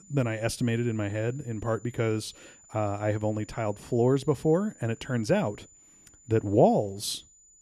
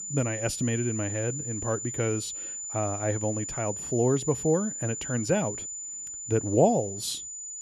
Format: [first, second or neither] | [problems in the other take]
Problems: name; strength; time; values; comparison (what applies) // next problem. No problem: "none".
first | high-pitched whine; loud; throughout; 7 kHz, 5 dB below the speech; faint in the first